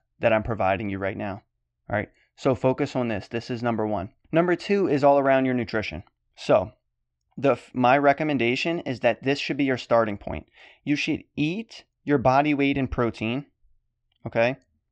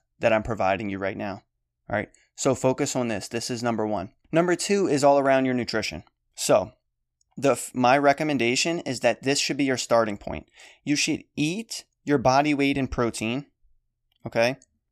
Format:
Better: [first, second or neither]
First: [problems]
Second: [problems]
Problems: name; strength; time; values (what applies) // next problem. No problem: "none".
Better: second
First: muffled; slightly; fading above 3.5 kHz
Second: none